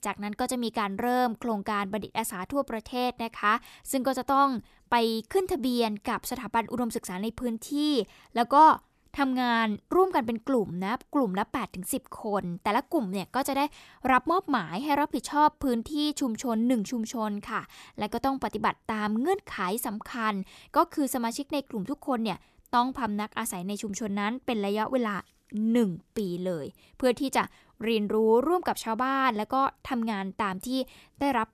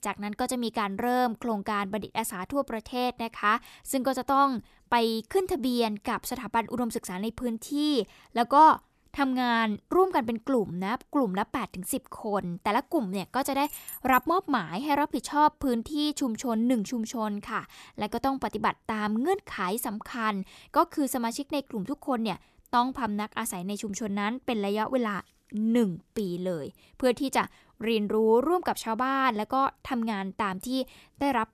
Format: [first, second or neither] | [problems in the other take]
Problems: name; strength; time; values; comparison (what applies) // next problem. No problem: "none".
first | jangling keys; faint; at 14 s; peak 10 dB below the speech